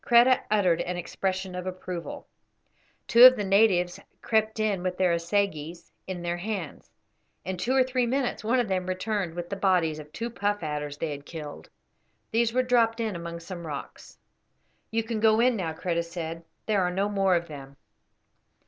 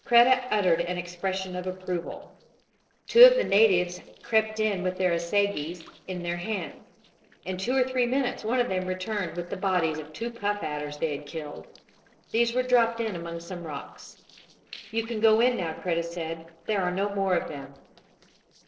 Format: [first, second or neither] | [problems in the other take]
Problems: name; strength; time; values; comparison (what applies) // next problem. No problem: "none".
first | noise reduction (neural separator model SepFormer DNS4)